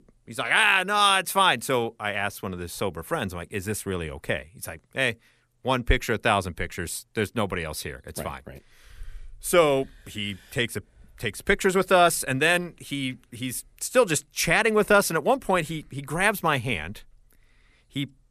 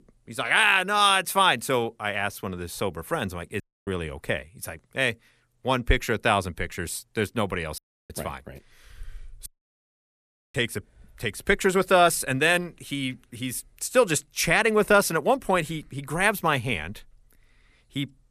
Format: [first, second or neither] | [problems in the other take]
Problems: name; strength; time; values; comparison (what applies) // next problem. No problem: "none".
first | audio cutting out; at 3.5 s, at 8 s and at 9.5 s for 1 s